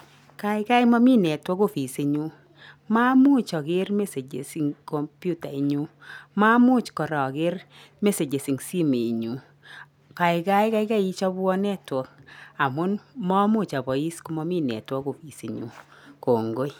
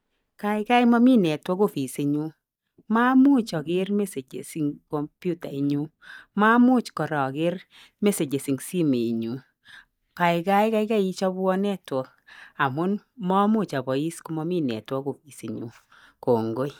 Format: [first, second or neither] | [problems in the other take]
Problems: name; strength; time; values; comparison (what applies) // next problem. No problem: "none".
first | noise reduction (neural mask model DeepFilterNet 3)